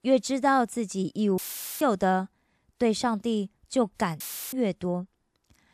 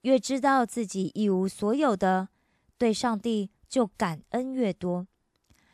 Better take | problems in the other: second | audio cutting out; filled with static; at 1.5 s and at 4 s

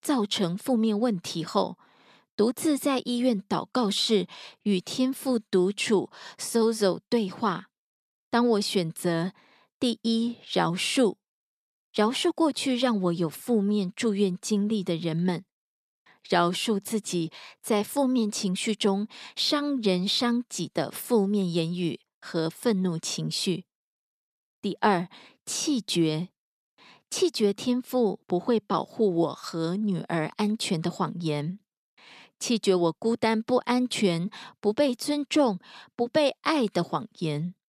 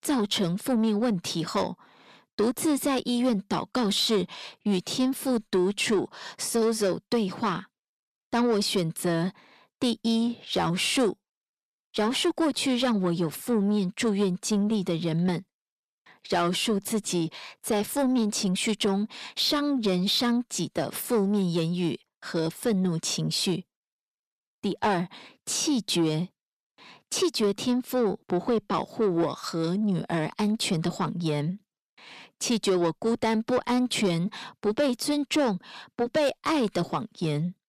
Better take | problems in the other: first | distortion; slight; 10 dB below the speech

